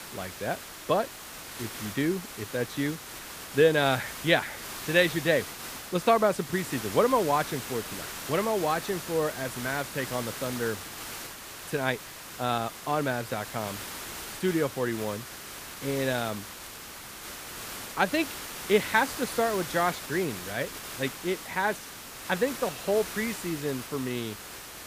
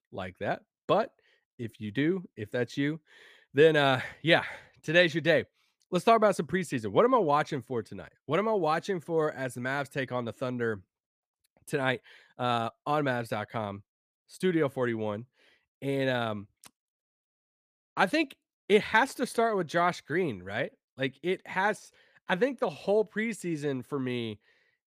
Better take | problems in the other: second | hiss; loud; throughout; 9 dB below the speech

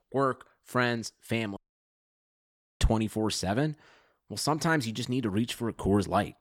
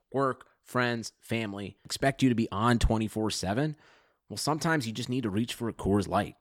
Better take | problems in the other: second | audio cutting out; at 1.5 s for 1 s

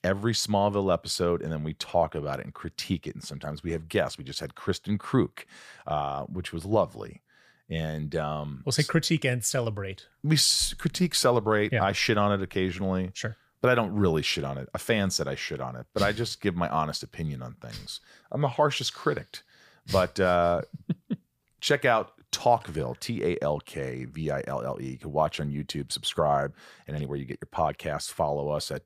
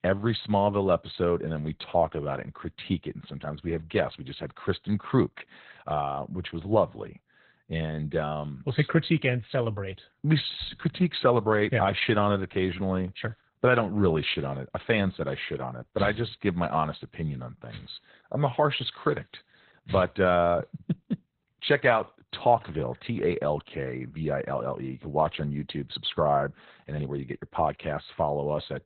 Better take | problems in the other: first | garbled, watery; badly; nothing above 4 kHz

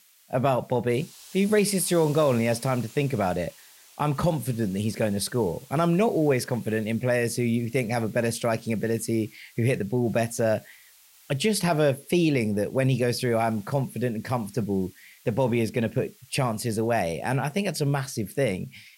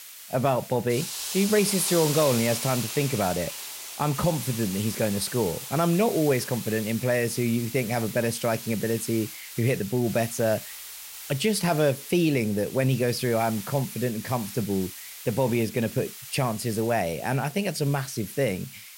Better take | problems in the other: first | hiss; loud; throughout; 9 dB below the speech; faint in the first

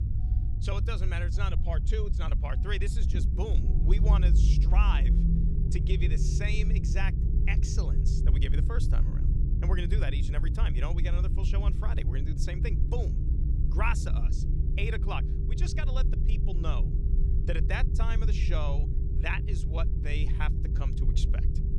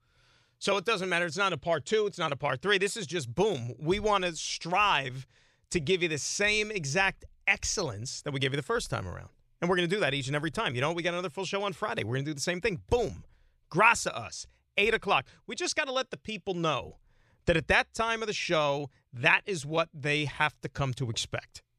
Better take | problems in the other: second | low rumble; loud; throughout; 6 dB below the speech

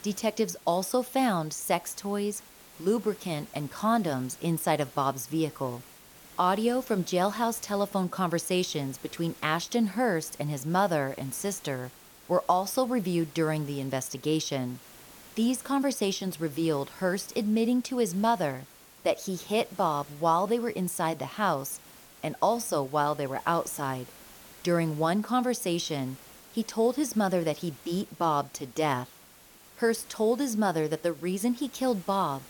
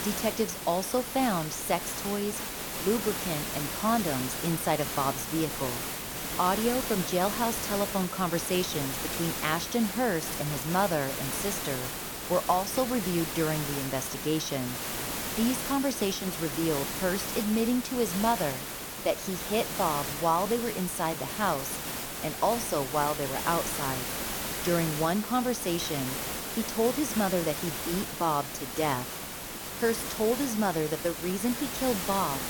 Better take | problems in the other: first | hiss; loud; throughout; 3 dB below the speech; faint in the first

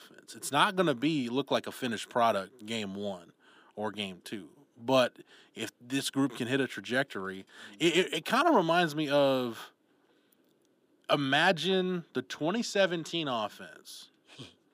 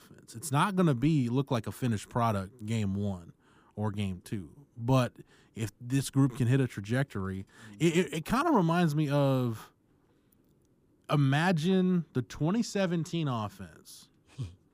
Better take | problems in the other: second | thin; somewhat; fading below 300 Hz

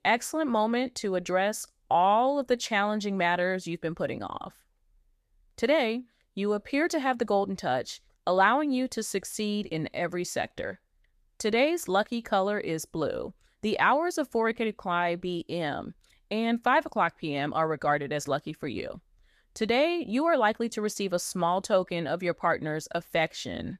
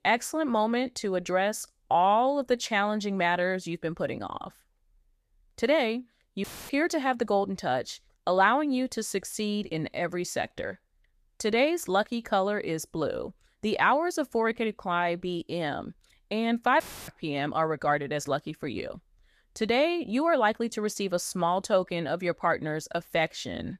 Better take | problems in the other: first | audio cutting out; filled with static; at 6.5 s and at 17 s

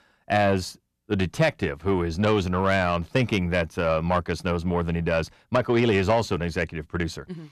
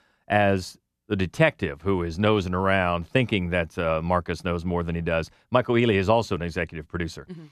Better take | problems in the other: second | distortion; slight; 10 dB below the speech

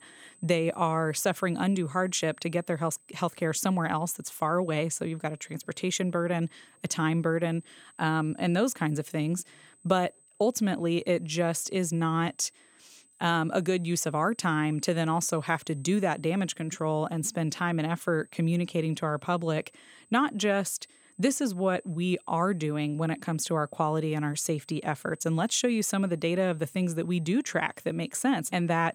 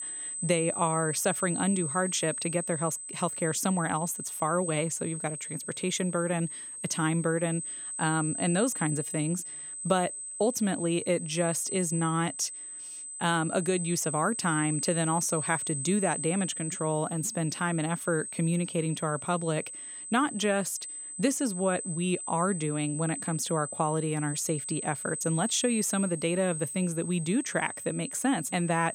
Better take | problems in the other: first | high-pitched whine; loud; throughout; 8 kHz, 5 dB below the speech; faint in the first

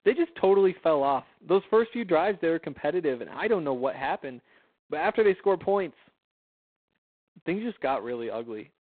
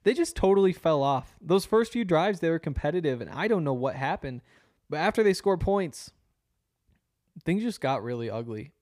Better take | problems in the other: second | phone-call audio; poor line; nothing above 4 kHz

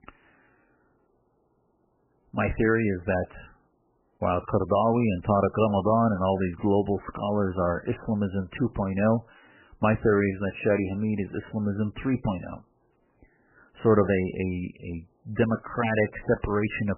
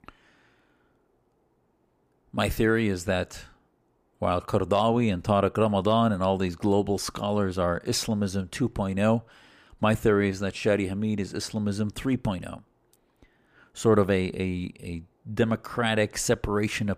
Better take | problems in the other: second | garbled, watery; badly; nothing above 3 kHz

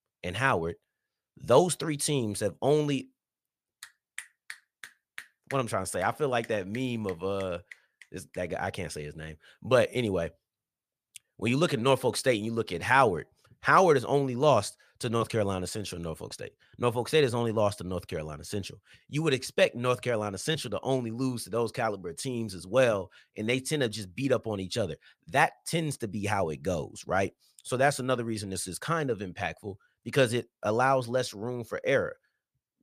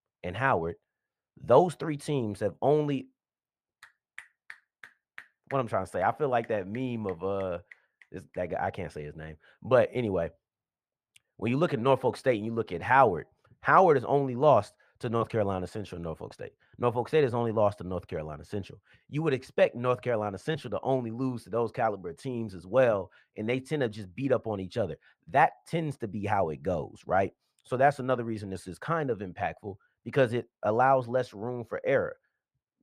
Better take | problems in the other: first | muffled; very; fading above 3 kHz

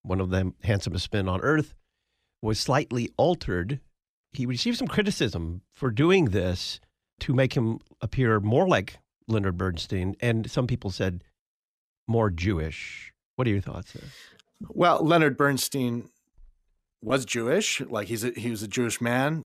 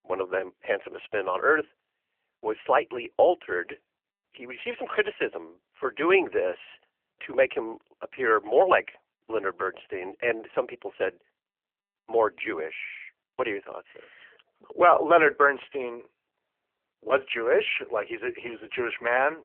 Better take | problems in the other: first | phone-call audio; poor line; nothing above 3 kHz

